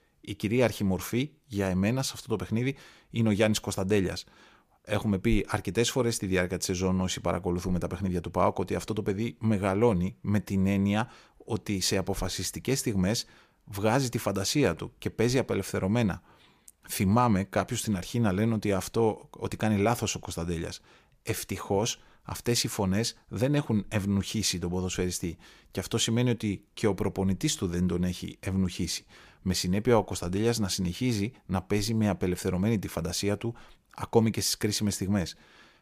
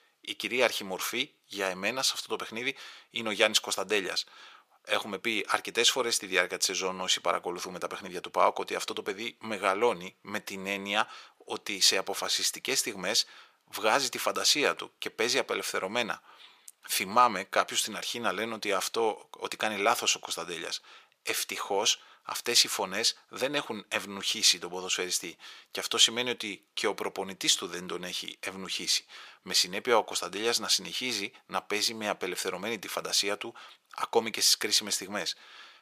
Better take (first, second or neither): first